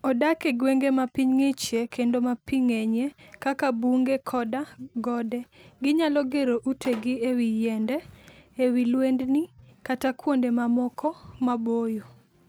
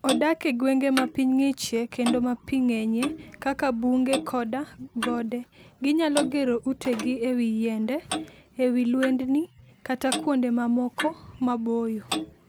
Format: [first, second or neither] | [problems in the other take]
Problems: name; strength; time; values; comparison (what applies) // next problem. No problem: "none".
first | background sound (Clock); 11 dB below the speech